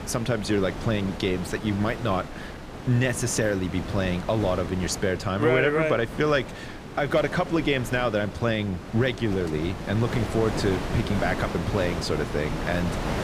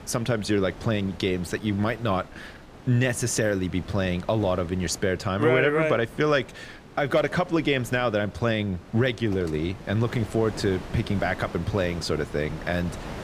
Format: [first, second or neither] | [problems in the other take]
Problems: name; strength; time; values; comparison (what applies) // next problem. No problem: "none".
second | wind noise on the microphone; heavy; 9 dB below the speech; occasional gusts in the second